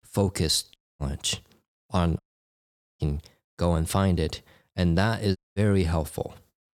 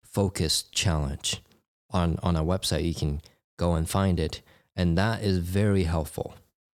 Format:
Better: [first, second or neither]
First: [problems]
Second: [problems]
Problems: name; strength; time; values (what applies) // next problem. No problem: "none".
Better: second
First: audio cutting out; at 1 s, at 2 s for 1 s and at 5.5 s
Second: none